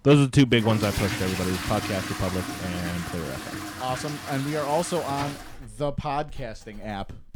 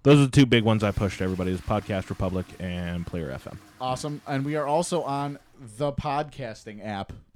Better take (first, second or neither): second